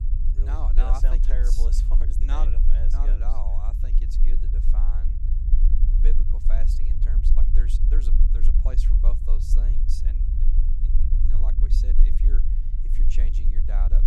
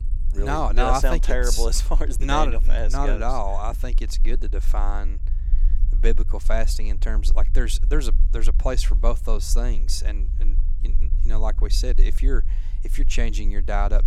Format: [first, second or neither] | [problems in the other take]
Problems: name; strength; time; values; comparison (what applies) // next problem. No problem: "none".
second | low rumble; loud; throughout; 4 dB below the speech; faint in the second